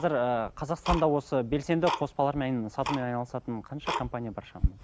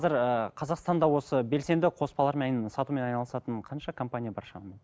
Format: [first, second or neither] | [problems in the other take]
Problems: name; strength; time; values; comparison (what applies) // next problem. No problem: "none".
second | background sound (Tick-tock); 6 dB below the speech